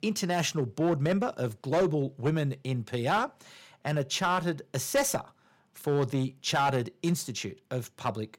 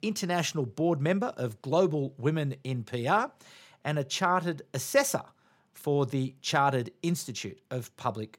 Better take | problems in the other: second | distortion; slight; 4% of the sound clipped

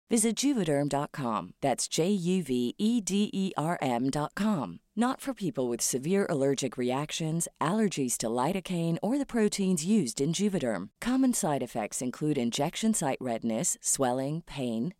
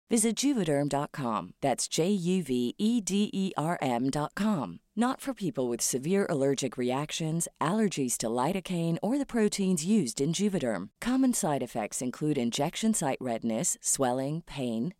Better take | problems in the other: neither | none

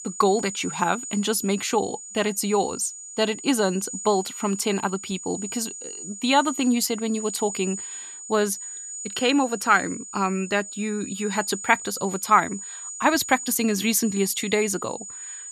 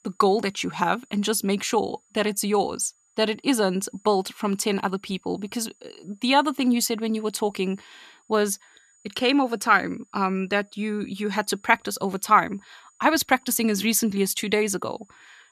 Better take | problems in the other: second | high-pitched whine; loud; throughout; 7 kHz, 10 dB below the speech; faint in the second

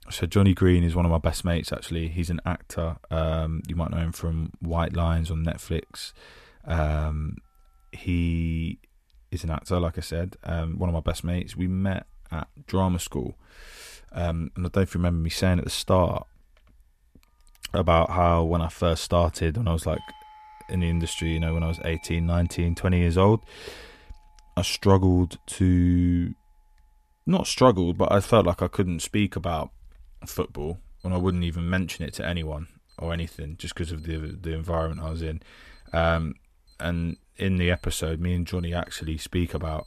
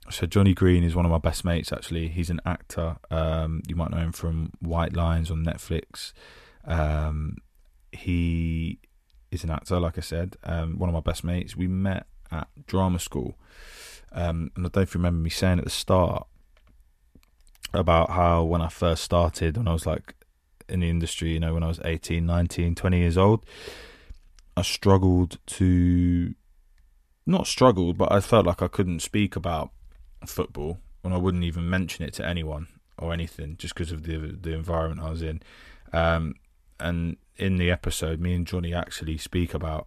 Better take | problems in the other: second | alarms or sirens; faint; throughout; 25 dB below the speech

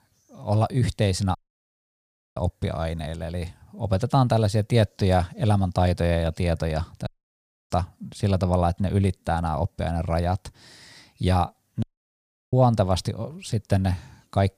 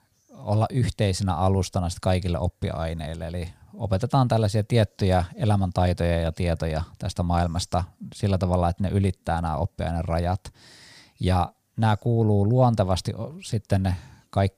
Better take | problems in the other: second | audio cutting out; at 1.5 s for 1 s, at 7 s for 0.5 s and at 12 s for 0.5 s

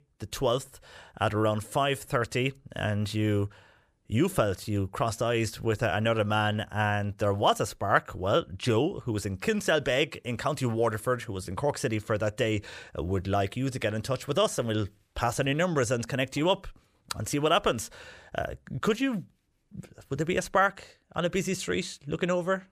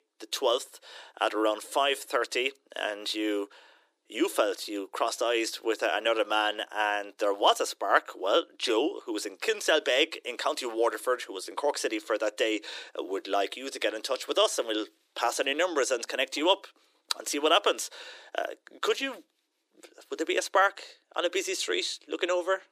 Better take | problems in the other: first | thin; very; fading below 300 Hz

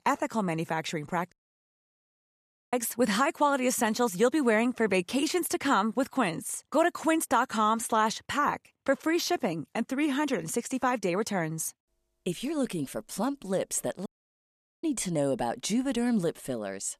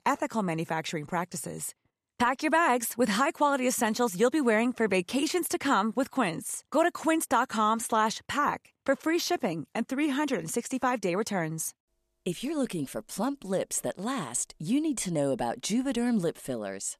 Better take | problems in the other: second | audio cutting out; at 1.5 s for 1.5 s and at 14 s for 1 s

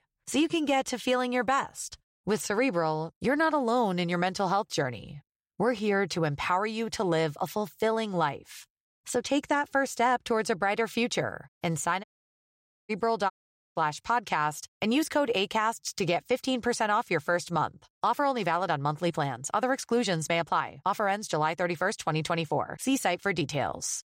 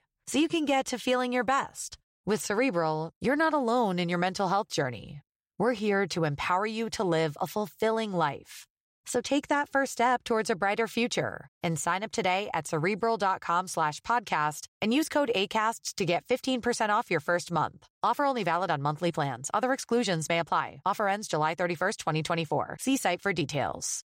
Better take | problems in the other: second | audio cutting out; at 12 s for 1 s and at 13 s

